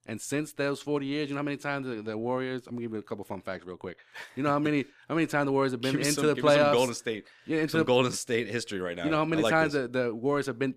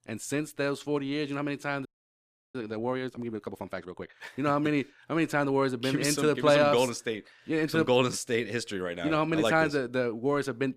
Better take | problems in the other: first | audio freezing; at 2 s for 0.5 s

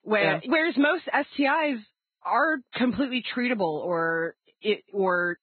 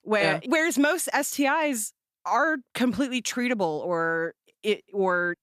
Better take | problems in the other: second | garbled, watery; badly; nothing above 4 kHz

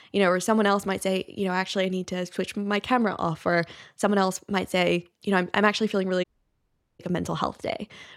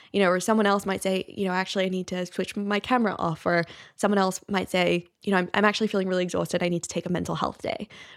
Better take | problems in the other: second | audio cutting out; at 6 s for 1 s

